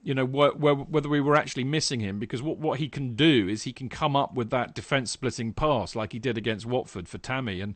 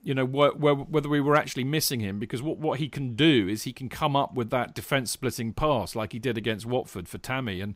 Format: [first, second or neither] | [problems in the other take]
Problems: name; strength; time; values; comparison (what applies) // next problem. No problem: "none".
second | garbled, watery; slightly; nothing above 8.5 kHz